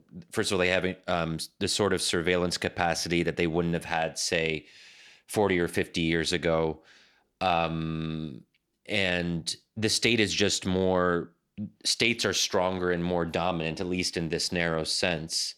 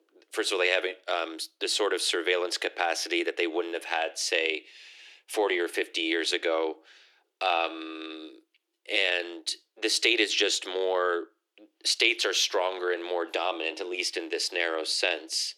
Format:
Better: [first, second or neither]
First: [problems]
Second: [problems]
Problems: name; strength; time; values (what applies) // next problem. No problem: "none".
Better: first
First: none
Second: thin; very; fading below 300 Hz